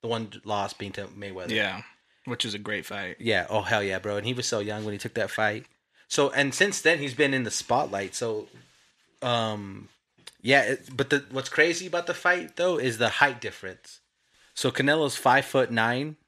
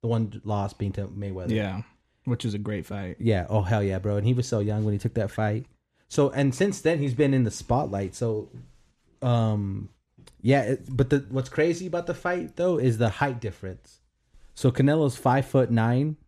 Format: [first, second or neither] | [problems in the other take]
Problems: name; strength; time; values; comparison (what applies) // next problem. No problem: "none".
second | thin; somewhat; fading below 950 Hz